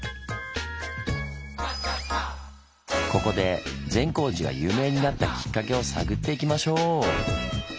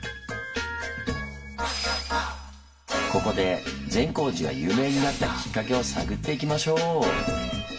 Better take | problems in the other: first | background sound (Crushing); 15 dB below the speech // room echo; dies away in 0.4 s

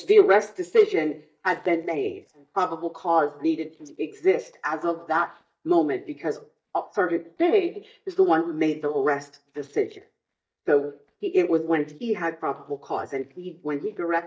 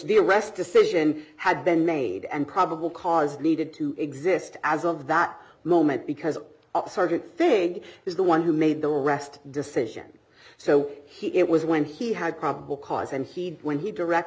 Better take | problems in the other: second | noise reduction (neural mask model DeepFilterNet 3)

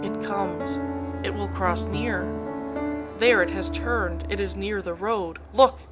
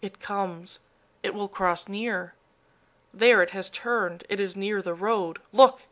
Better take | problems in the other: second | background sound (Fixed-wing aircraft, airplane + Piano); 4 dB below the speech

